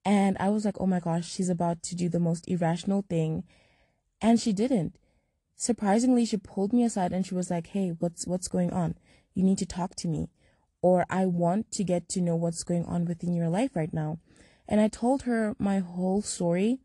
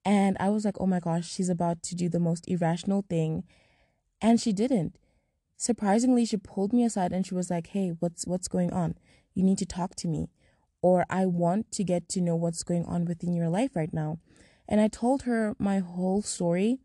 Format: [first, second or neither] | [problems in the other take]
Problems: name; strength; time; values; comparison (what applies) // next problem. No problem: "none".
second | garbled, watery; slightly